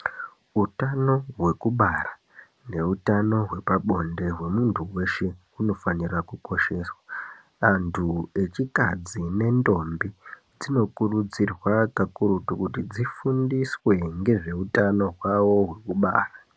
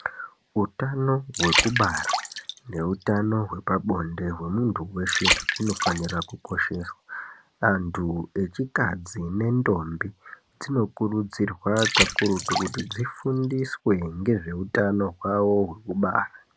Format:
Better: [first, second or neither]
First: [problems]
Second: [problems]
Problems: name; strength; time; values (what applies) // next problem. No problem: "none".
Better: first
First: none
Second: background sound (Water); 4 dB below the speech